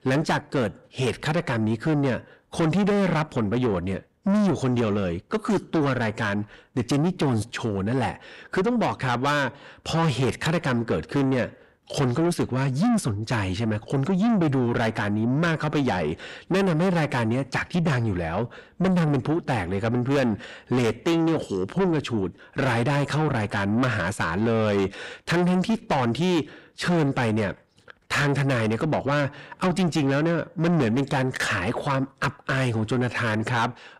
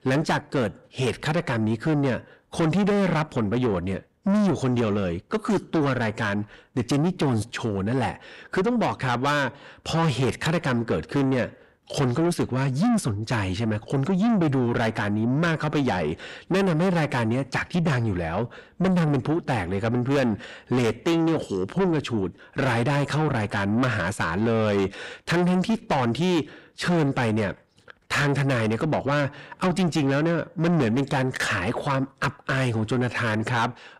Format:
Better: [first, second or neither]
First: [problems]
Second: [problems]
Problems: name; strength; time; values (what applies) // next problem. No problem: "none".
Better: neither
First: distortion; heavy; 7 dB below the speech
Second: distortion; heavy; 7 dB below the speech